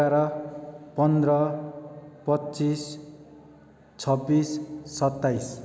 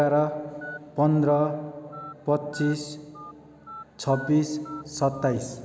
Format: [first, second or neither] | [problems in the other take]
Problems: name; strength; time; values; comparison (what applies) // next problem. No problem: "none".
first | background sound (Telephone); 18 dB below the speech